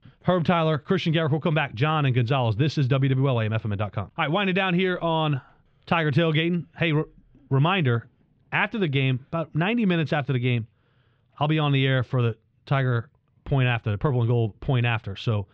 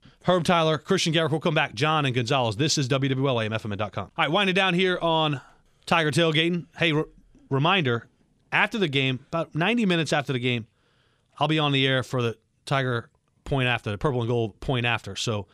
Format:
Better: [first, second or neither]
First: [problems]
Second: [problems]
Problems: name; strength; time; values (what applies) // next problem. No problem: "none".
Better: second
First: muffled; slightly; fading above 3 kHz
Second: none